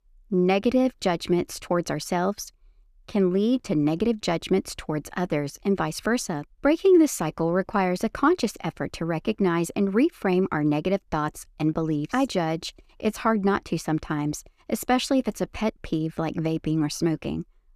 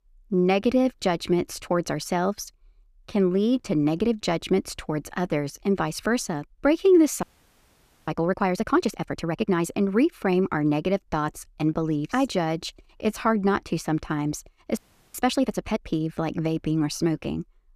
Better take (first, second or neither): first